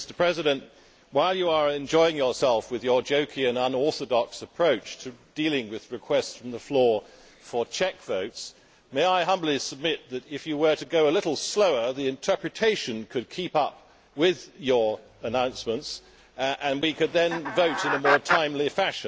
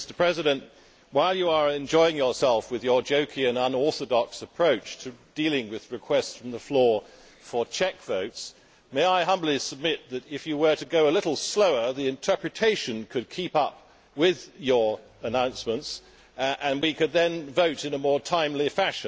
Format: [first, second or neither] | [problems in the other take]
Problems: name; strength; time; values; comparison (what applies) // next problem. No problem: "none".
second | background sound (Chicken, rooster); 3 dB below the speech